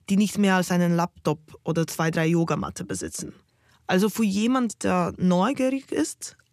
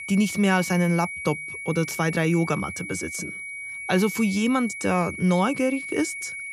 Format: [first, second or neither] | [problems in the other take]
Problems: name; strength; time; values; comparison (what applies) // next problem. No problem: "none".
first | high-pitched whine; loud; throughout; 2.5 kHz, 8 dB below the speech